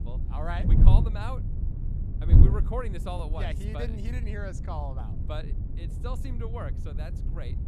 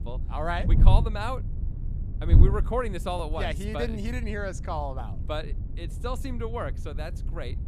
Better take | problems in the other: second | wind noise on the microphone; heavy; 4 dB below the speech; occasional gusts in the second

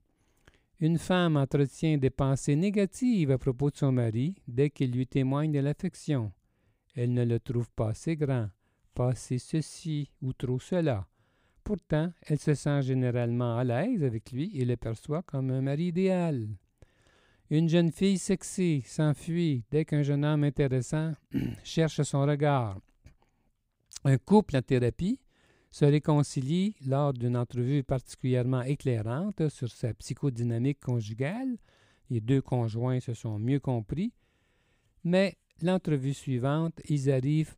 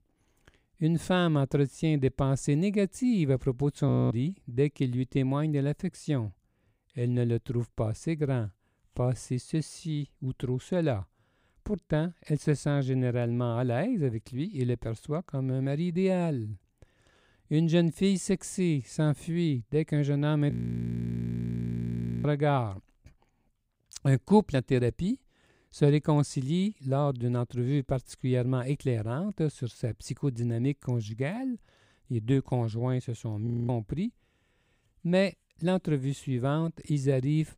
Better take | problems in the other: first | audio freezing; at 4 s, at 21 s for 1.5 s and at 33 s

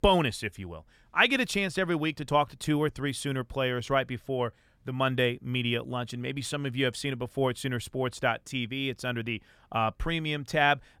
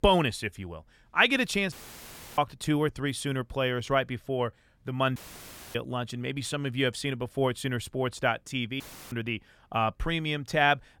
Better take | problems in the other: first | audio cutting out; filled with static; at 1.5 s for 0.5 s, at 5 s for 0.5 s and at 9 s

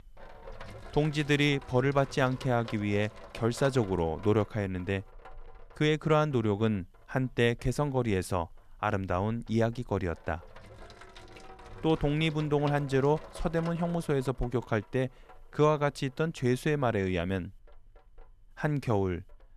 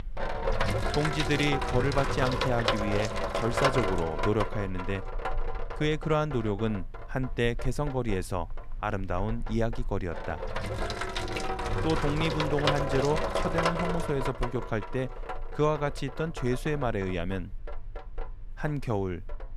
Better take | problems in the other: first | household noises; loud; throughout; 2 dB below the speech; faint in the first

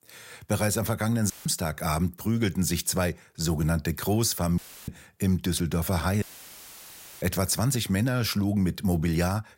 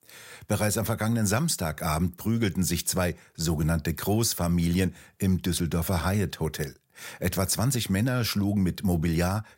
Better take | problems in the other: second | audio cutting out; filled with static; at 1.5 s, at 4.5 s and at 6 s for 1 s

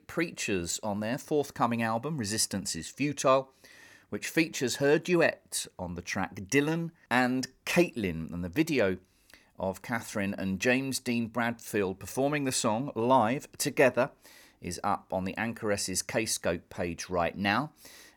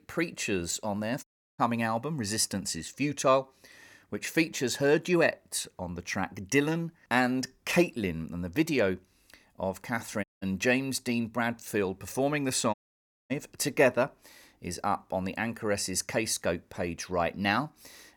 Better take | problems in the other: first | audio cutting out; at 1 s, at 10 s and at 13 s for 0.5 s

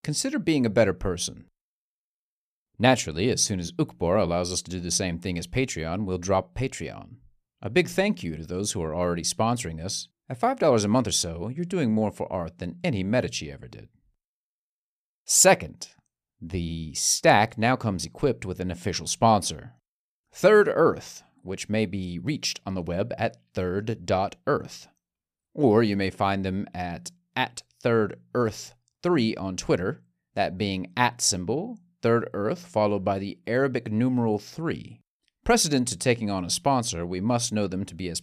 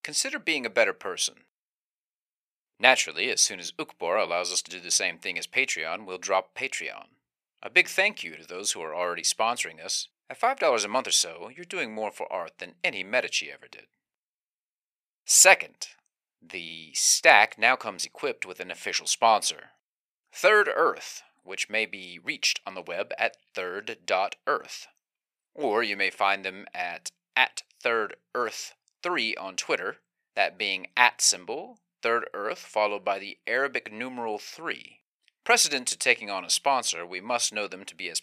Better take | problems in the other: first | thin; very; fading below 650 Hz

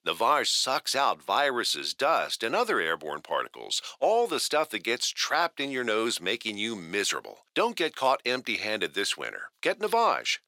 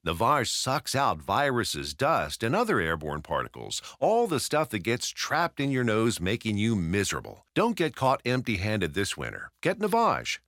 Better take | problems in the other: second | thin; somewhat; fading below 450 Hz

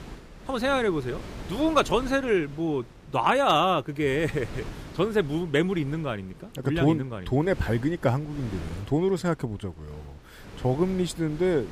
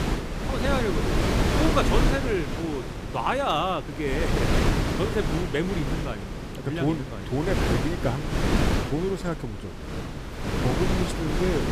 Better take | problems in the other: first | wind noise on the microphone; heavy; 1 dB below the speech; occasional gusts in the first

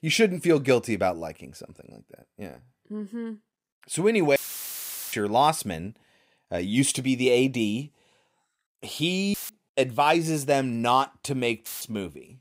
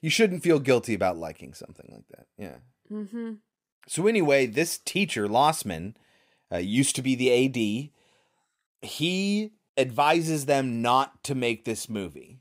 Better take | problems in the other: second | audio cutting out; filled with static; at 4.5 s for 1 s, at 9.5 s and at 12 s

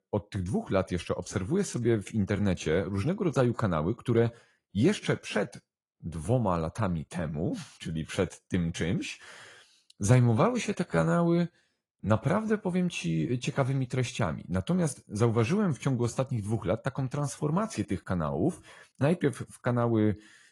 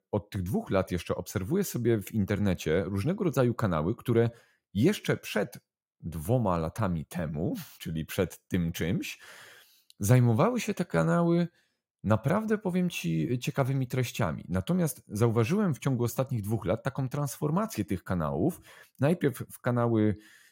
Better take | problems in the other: second | garbled, watery; slightly; nothing above 10.5 kHz

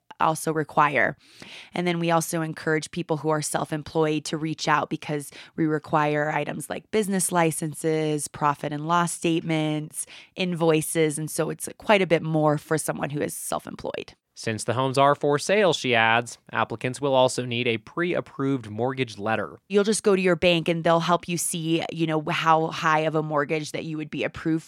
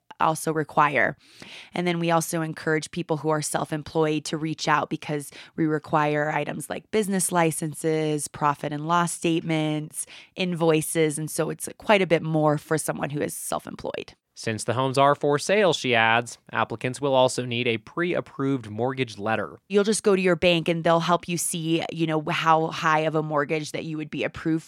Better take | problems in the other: neither | none

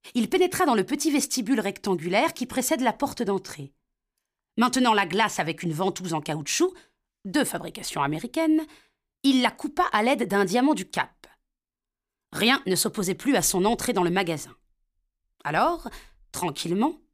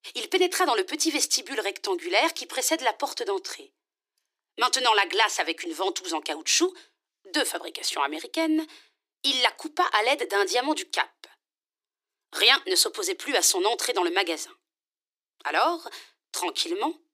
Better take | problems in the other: first | thin; very; fading below 300 Hz

